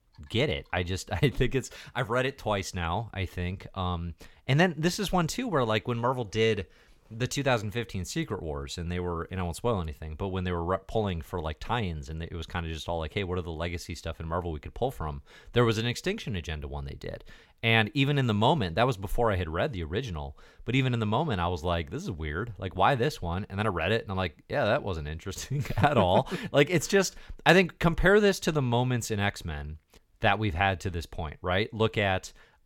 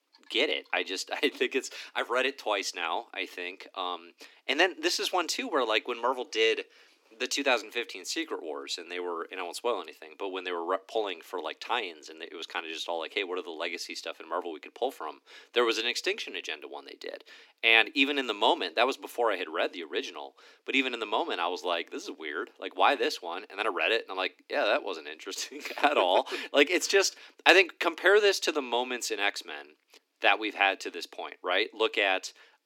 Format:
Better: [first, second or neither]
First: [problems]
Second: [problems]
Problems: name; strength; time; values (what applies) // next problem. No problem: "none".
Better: first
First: none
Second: thin; somewhat; fading below 250 Hz